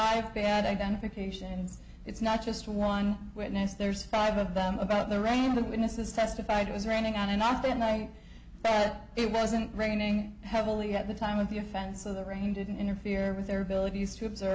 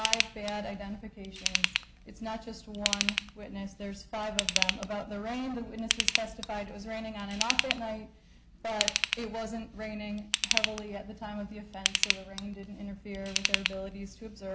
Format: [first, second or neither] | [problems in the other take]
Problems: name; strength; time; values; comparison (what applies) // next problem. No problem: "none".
first | background sound (Ratchet, pawl / Tools); 3 dB above the speech